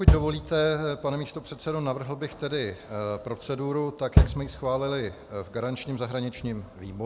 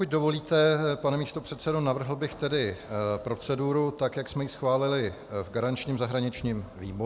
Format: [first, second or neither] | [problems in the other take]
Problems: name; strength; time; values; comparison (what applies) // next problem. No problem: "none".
second | background sound (Bass drum); 2 dB above the speech